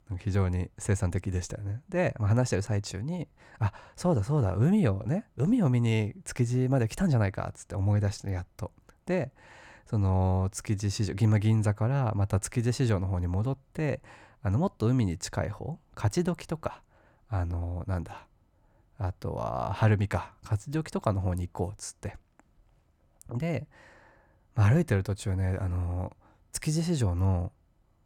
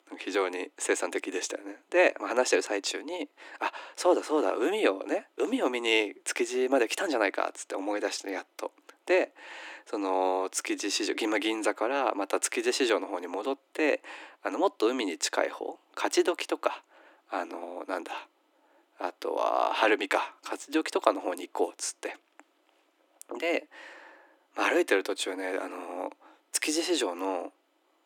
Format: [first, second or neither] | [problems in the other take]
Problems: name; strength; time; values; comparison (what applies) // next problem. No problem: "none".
first | thin; very; fading below 300 Hz